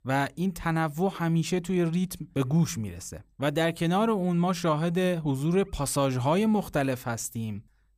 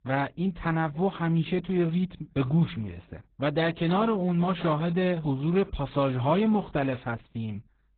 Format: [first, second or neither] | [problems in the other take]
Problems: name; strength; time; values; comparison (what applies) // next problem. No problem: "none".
first | garbled, watery; badly; nothing above 4 kHz